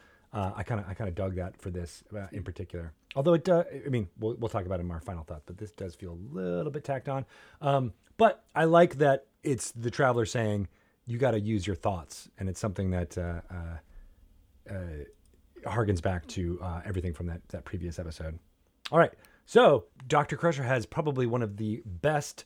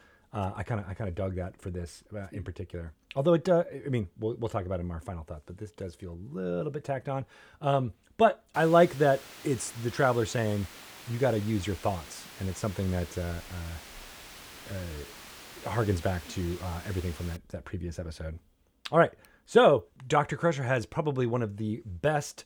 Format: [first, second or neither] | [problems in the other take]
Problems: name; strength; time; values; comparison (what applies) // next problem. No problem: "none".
first | hiss; noticeable; from 8.5 to 17 s; 15 dB below the speech